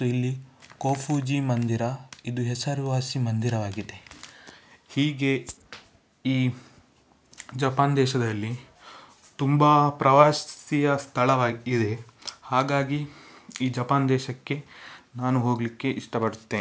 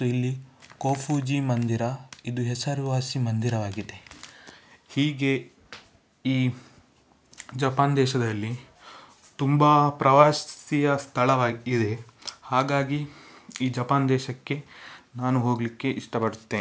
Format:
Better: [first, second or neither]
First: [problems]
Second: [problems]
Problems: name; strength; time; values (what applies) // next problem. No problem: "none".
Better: second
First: background sound (Rattle (instrument)); 19 dB below the speech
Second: none